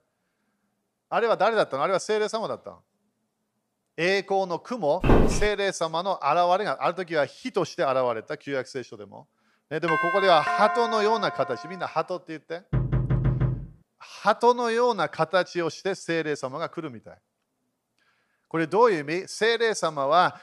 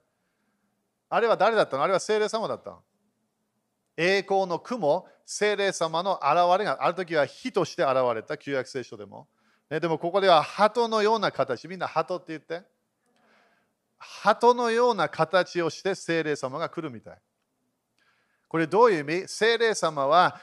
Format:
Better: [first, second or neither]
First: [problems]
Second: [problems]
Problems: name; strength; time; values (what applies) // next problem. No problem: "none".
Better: second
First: footsteps; loud; at 5 s; peak 4 dB above the speech // doorbell; noticeable; from 10 to 12 s; peak level with the speech // door banging; loud; at 13 s; peak 1 dB above the speech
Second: none